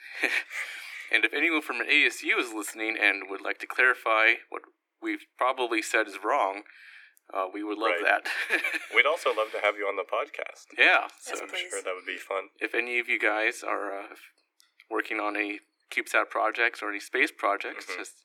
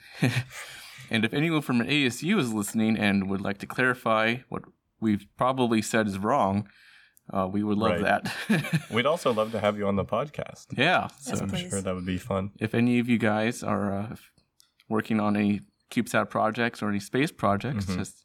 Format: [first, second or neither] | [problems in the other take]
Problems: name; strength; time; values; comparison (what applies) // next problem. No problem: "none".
second | thin; very; fading below 300 Hz